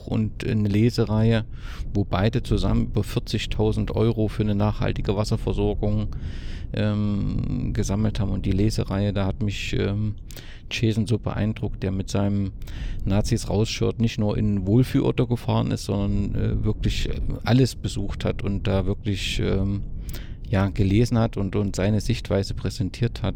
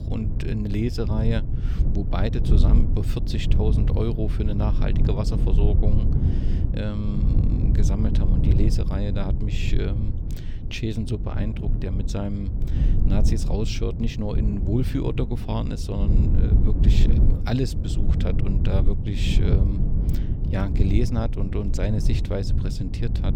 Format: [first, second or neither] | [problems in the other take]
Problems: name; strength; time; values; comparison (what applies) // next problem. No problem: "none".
first | low rumble; loud; throughout; 4 dB below the speech; faint in the first